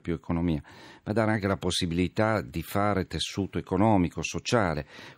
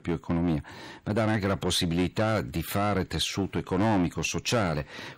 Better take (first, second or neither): first